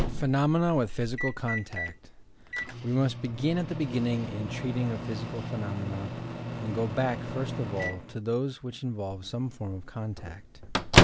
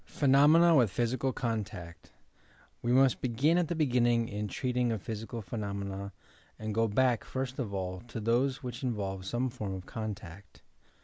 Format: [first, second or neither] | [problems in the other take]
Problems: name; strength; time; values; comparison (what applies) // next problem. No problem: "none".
second | background sound (Microwave oven); 1 dB below the speech